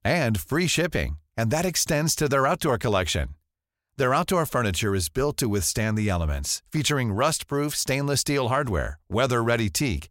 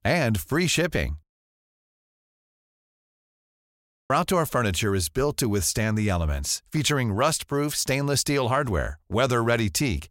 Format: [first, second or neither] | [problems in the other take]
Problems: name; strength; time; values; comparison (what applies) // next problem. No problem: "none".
first | audio cutting out; at 1 s for 3 s